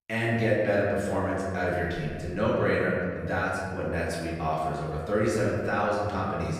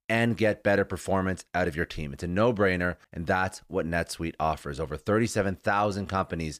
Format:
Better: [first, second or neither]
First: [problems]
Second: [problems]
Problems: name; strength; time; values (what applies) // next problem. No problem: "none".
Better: second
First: room echo; noticeable; dies away in 1.6 s // off-mic speech; far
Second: none